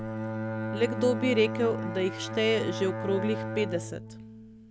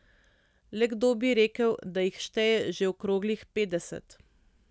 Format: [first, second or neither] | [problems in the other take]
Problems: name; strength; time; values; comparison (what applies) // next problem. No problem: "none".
second | background sound (Bowed string instrument); 4 dB below the speech